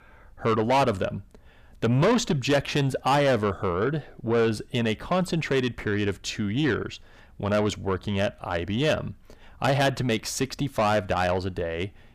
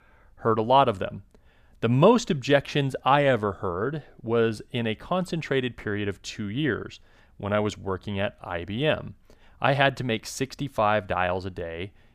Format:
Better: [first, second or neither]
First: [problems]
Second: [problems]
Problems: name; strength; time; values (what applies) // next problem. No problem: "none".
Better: second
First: distortion; heavy; 8 dB below the speech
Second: none